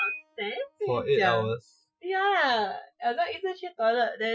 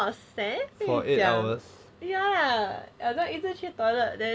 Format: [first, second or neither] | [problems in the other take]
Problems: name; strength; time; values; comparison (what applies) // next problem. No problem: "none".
second | noise reduction (classical method Wiener filter)